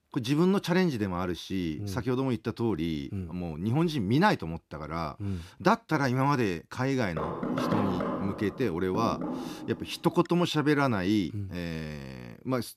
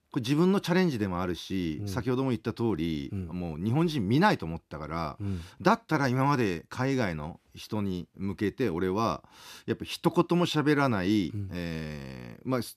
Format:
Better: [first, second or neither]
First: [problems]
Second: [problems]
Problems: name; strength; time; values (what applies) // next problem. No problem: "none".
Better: second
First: door banging; loud; from 7 to 10 s; peak level with the speech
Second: none